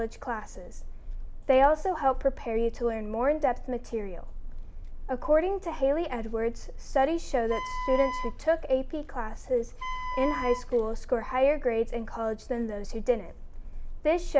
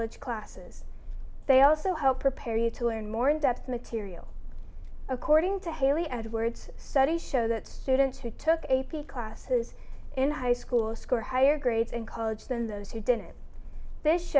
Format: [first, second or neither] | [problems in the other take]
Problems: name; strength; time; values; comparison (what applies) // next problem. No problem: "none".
second | background sound (Wind instrument, woodwind instrument); 9 dB below the speech